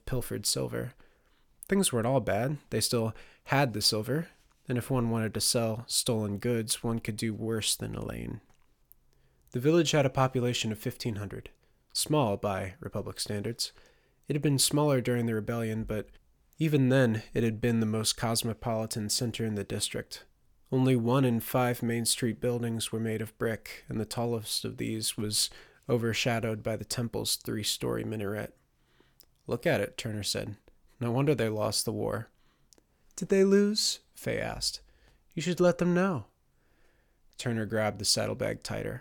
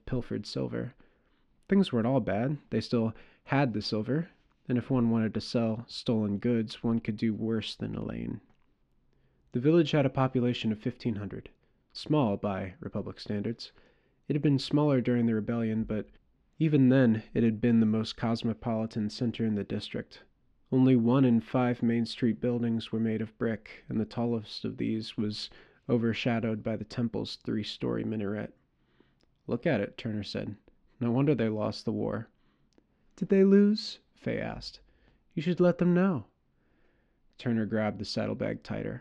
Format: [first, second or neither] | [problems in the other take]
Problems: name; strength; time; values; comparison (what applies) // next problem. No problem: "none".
first | muffled; slightly; fading above 4 kHz